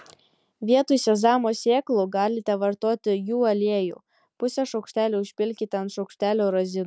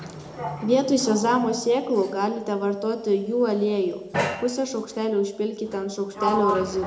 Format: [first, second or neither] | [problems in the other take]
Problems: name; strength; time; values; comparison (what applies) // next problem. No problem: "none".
first | background sound (Sliding door); 9 dB below the speech // room echo; dies away in 0.6 s